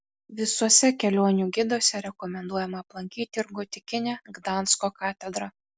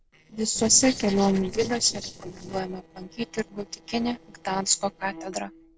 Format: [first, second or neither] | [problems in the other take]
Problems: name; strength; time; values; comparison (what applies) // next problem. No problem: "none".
first | noise reduction (neural separator model SepFormer DNS4)